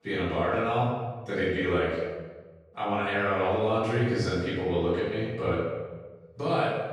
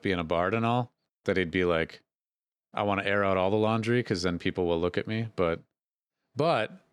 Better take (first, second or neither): second